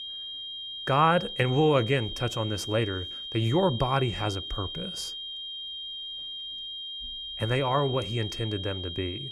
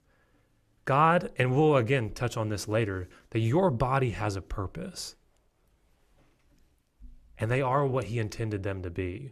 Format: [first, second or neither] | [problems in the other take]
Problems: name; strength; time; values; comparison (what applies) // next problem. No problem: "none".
second | high-pitched whine; loud; throughout; 3 kHz, 7 dB below the speech